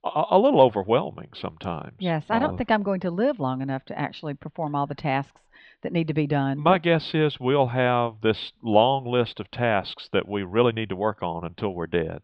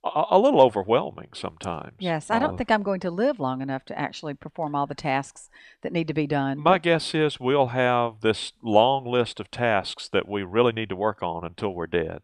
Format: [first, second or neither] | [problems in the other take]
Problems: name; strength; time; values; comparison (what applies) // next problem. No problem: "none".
second | muffled; very slightly; fading above 3.5 kHz